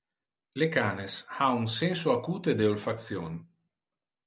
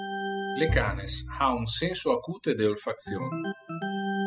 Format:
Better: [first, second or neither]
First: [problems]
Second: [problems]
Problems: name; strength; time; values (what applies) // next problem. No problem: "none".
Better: first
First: none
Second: noise reduction (classical method spectral subtraction)